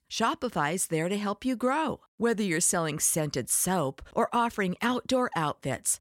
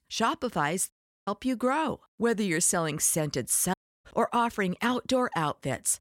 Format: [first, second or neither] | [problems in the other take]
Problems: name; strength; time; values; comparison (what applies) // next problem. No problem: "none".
first | audio cutting out; at 1 s and at 3.5 s